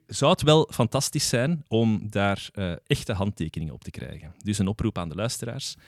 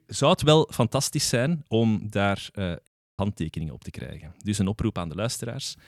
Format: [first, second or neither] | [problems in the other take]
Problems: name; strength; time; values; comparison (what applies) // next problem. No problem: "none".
first | audio cutting out; at 3 s